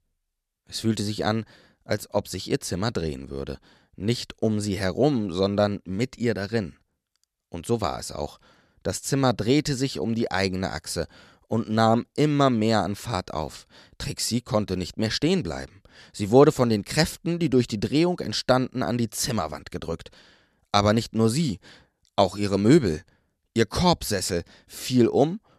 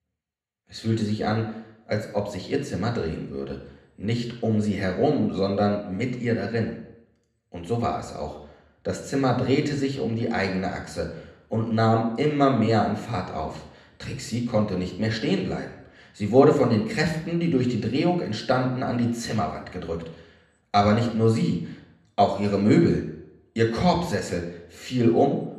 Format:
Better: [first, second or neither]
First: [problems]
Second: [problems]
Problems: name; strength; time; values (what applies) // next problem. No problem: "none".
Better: first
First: none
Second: room echo; noticeable; dies away in 0.7 s // off-mic speech; far